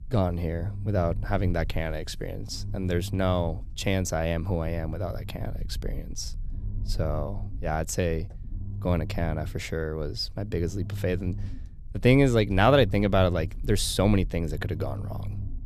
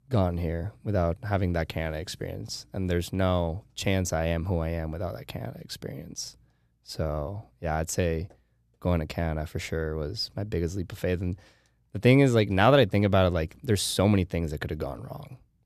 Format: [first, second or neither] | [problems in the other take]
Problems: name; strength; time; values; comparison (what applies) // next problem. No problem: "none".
second | low rumble; faint; throughout; 20 dB below the speech